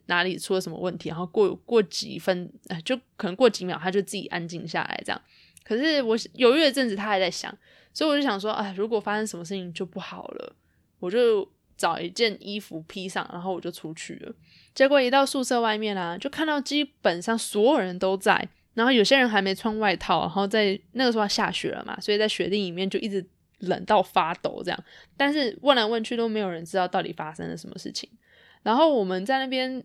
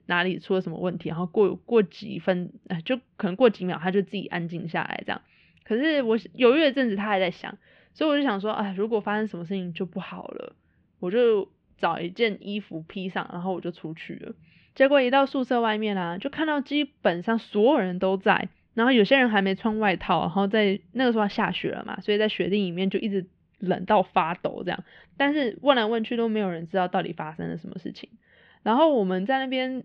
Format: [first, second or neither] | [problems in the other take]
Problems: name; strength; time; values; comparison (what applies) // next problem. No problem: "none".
first | muffled; very; fading above 3 kHz